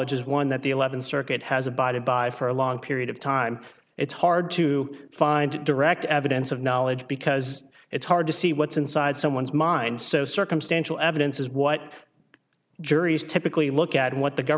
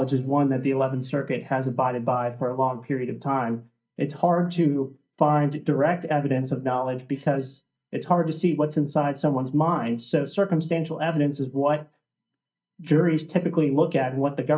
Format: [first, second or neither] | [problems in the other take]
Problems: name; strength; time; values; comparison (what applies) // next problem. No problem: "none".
first | noise reduction (neural mask model DeepFilterNet 3)